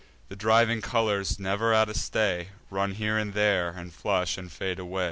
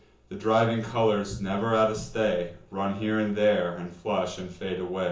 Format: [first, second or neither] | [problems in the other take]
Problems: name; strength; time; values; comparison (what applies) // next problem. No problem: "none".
first | room echo; dies away in 0.6 s